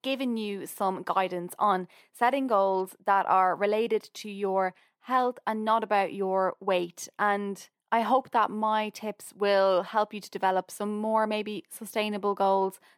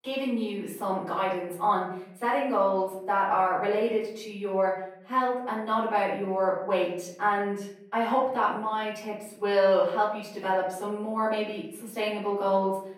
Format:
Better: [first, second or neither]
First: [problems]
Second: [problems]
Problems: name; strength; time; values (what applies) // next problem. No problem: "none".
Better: first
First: none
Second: off-mic speech; far // room echo; noticeable; dies away in 0.7 s